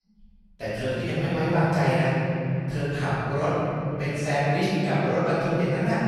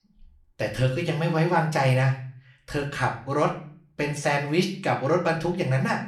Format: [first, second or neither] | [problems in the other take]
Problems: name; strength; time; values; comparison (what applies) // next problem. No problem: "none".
second | room echo; strong; dies away in 3 s; slight in the second // off-mic speech; far; somewhat distant in the second